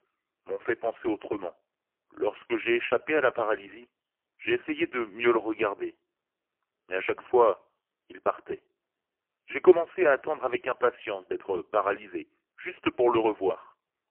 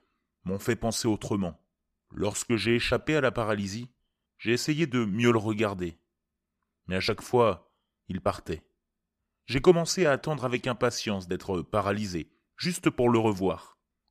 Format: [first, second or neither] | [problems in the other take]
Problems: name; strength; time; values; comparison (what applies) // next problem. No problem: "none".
second | phone-call audio; poor line; nothing above 3 kHz